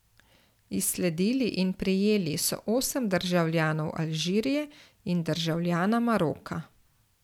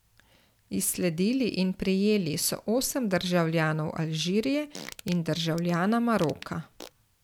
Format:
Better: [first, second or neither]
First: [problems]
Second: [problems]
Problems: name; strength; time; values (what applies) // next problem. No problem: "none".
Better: first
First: none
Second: background sound (Fart); 19 dB below the speech